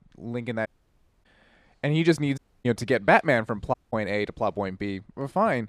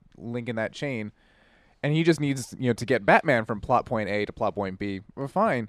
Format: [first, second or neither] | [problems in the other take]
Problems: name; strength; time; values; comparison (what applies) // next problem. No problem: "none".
second | audio cutting out; at 0.5 s for 0.5 s, at 2.5 s and at 3.5 s